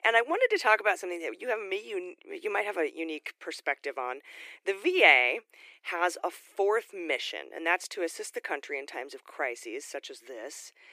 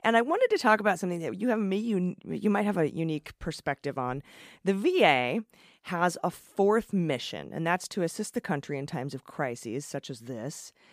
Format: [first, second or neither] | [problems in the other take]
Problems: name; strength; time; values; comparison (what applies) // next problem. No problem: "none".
second | thin; very; fading below 350 Hz